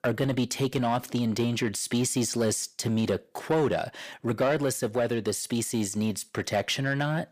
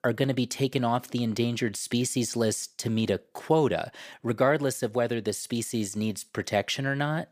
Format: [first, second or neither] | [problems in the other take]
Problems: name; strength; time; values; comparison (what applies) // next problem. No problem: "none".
second | distortion; slight; 10 dB below the speech